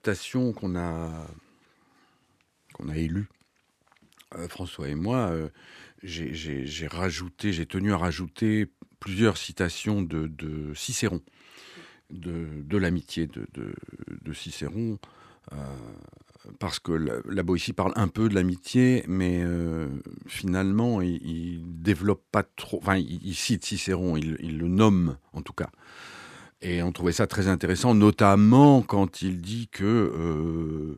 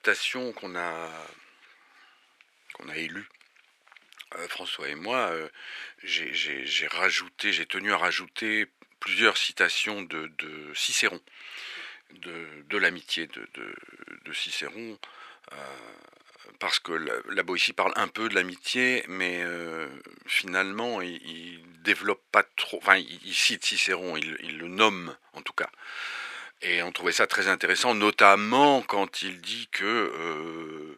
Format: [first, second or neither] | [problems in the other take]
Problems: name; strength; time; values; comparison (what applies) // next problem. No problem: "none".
first | thin; very; fading below 550 Hz